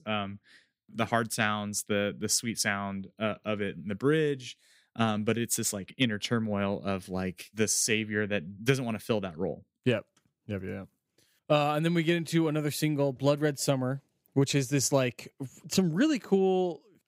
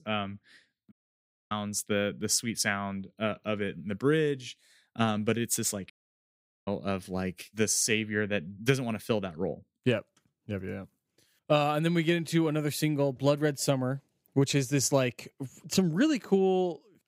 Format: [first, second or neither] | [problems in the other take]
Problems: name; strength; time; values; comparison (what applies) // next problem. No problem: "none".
first | audio cutting out; at 1 s for 0.5 s and at 6 s for 1 s